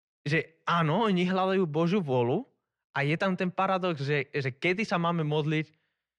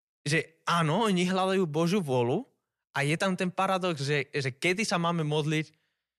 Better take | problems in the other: second | muffled; slightly; fading above 3 kHz

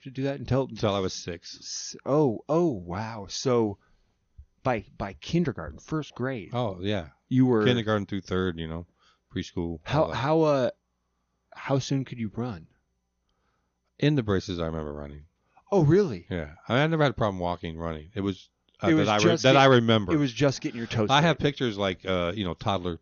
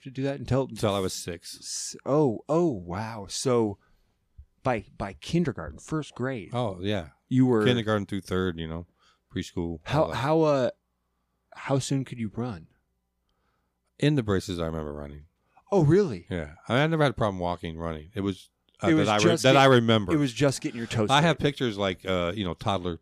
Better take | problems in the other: second | garbled, watery; slightly; nothing above 6.5 kHz

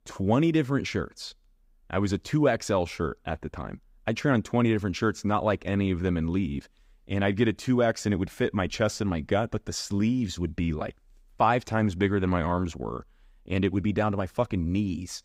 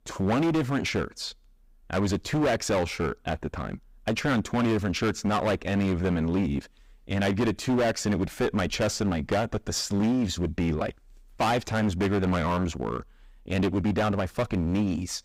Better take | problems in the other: first | distortion; heavy; 17% of the sound clipped

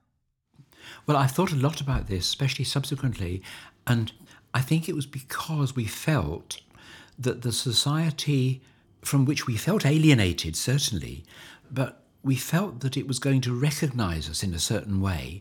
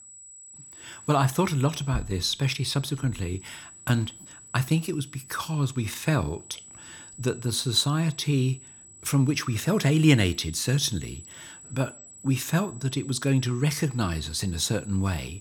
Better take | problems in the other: first | high-pitched whine; noticeable; throughout; 8 kHz, 20 dB below the speech

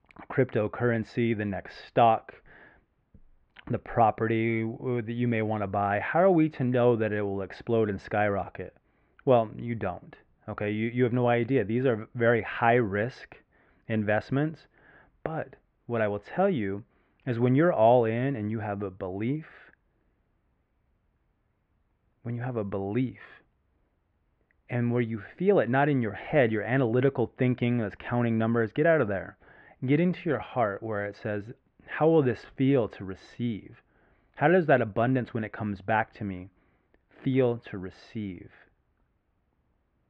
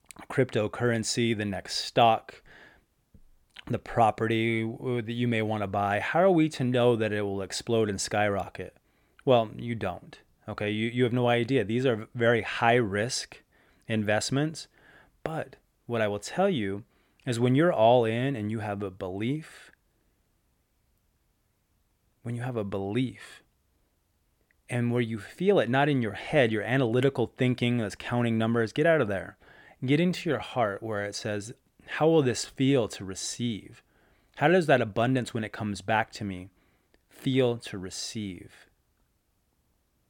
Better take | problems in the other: second | muffled; very; fading above 2 kHz

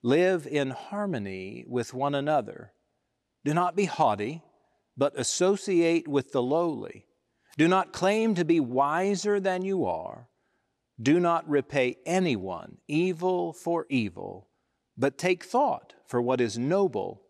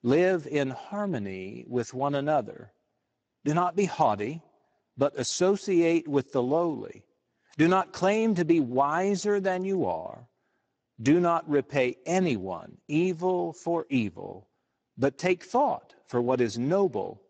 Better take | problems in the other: first | garbled, watery; badly; nothing above 7.5 kHz

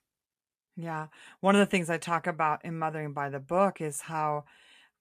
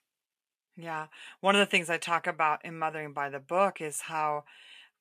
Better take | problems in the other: first | thin; very slightly; fading below 850 Hz

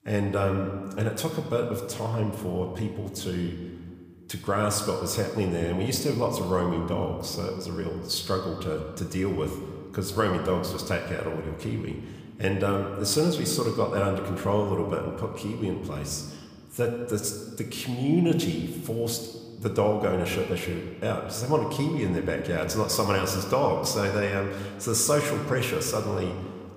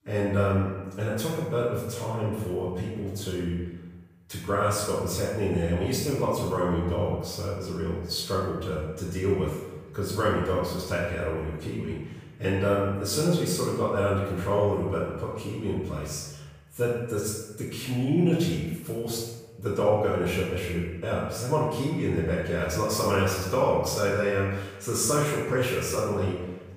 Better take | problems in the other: first | room echo; strong; dies away in 1.1 s; slight in the first // off-mic speech; far

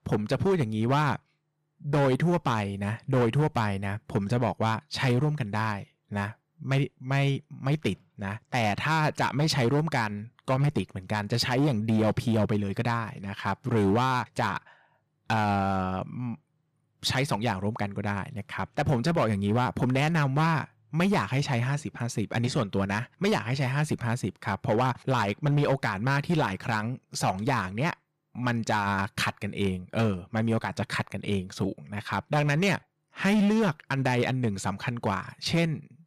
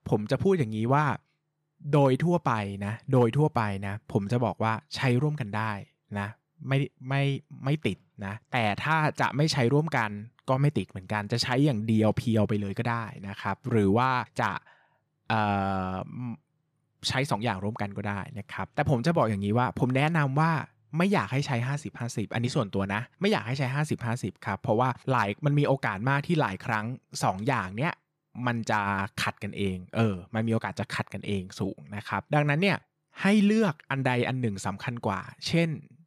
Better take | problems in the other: second | distortion; slight; 7% of the sound clipped

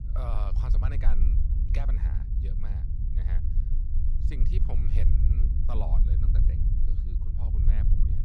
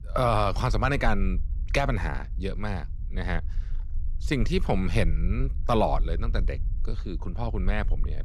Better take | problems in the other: second | low rumble; loud; throughout; 1 dB below the speech; faint in the second

